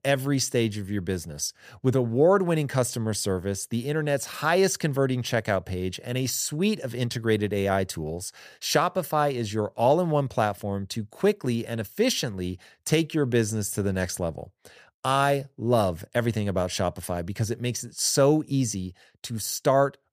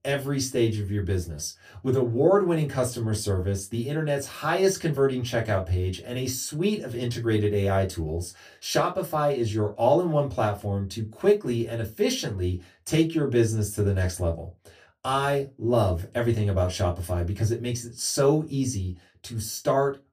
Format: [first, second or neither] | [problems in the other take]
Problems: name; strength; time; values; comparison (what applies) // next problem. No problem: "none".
first | off-mic speech; far // room echo; very slight; dies away in 0.2 s